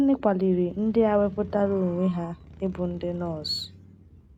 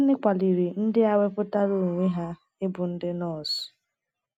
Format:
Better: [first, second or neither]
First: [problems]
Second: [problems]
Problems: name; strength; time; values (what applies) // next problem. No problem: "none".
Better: second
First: background sound (Motorcycle / Crow); 19 dB below the speech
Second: none